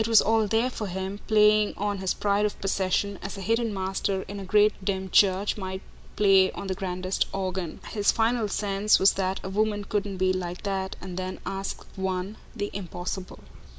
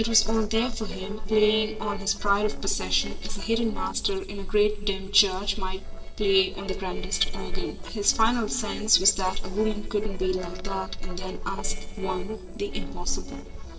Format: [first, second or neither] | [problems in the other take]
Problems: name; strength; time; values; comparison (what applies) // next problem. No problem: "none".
first | noise reduction (neural separator model SepFormer DNS4)